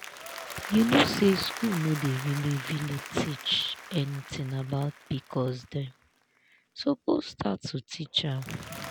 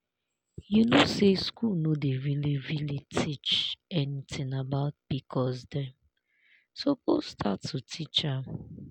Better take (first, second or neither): second